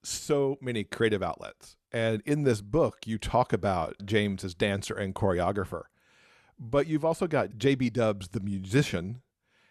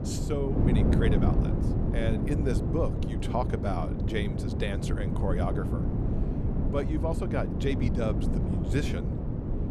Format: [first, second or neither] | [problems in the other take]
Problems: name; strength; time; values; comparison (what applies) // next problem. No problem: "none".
first | wind noise on the microphone; heavy; 2 dB below the speech